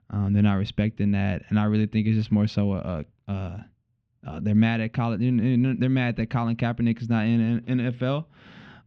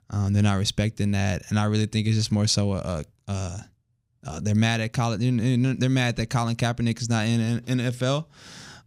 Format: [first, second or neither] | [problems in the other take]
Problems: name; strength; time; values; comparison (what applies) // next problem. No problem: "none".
second | muffled; very; fading above 3 kHz